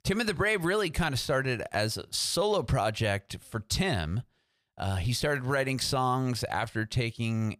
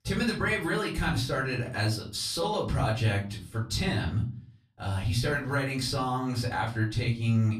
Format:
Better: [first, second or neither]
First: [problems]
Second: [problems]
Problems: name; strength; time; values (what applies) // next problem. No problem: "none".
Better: first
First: none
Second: off-mic speech; far // room echo; slight; dies away in 0.4 s